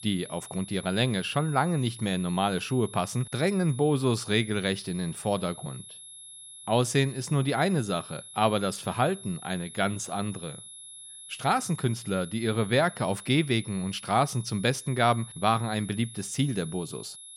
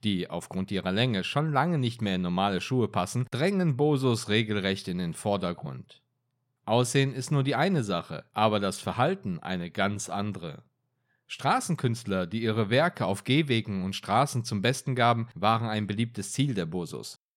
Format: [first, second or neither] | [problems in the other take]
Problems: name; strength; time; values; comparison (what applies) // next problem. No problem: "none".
second | high-pitched whine; noticeable; throughout; 11 kHz, 15 dB below the speech